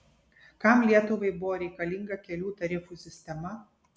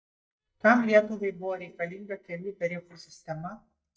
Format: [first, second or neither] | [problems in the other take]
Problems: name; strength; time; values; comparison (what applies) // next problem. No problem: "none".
first | noise reduction (neural mask model DeepFilterNet 3)